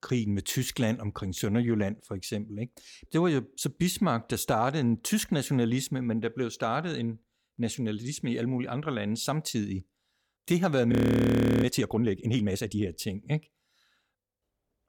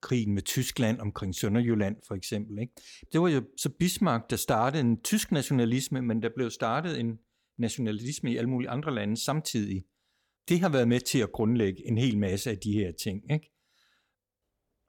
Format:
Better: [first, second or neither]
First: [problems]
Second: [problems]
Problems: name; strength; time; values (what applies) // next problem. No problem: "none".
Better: second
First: audio freezing; at 11 s for 0.5 s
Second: none